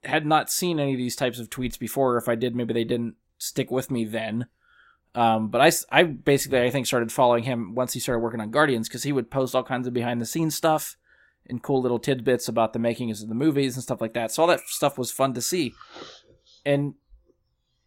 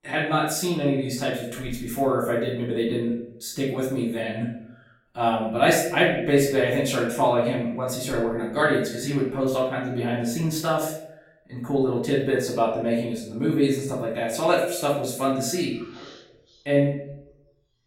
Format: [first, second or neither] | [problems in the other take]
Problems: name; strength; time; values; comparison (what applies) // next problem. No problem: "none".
first | off-mic speech; far // room echo; noticeable; dies away in 0.6 s